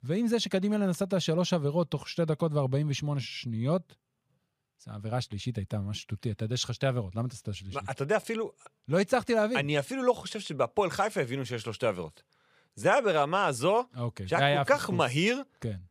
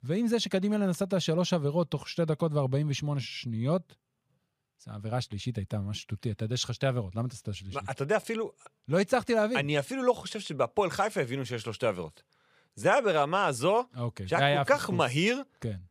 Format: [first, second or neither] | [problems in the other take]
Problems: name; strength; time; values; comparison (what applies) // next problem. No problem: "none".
neither | none